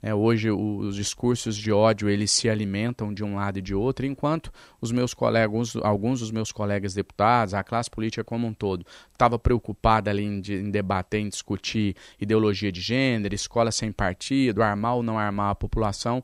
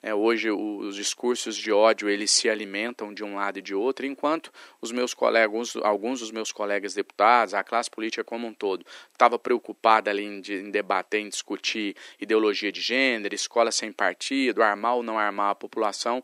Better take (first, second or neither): first